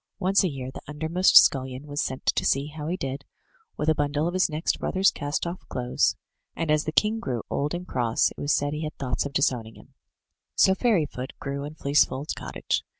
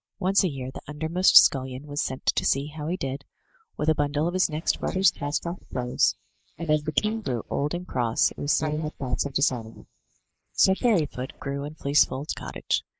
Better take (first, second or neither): first